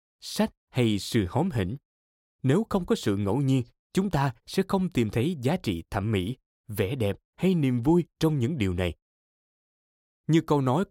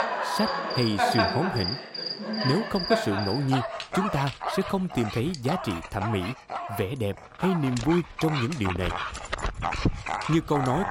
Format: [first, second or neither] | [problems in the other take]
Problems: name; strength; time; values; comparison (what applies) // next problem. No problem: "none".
first | animal sounds; loud; throughout; 2 dB below the speech